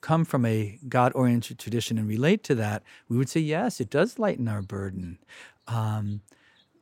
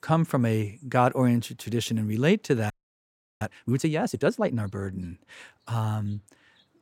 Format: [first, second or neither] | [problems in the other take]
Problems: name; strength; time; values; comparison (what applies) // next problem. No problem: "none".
first | audio freezing; at 2.5 s for 0.5 s